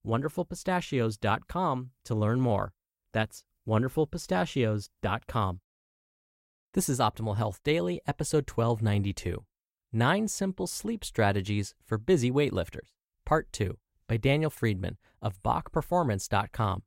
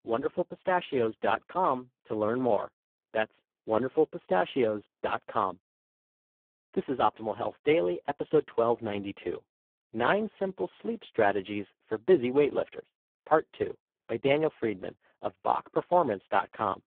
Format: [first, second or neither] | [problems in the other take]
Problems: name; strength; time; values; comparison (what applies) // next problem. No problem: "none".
first | phone-call audio; poor line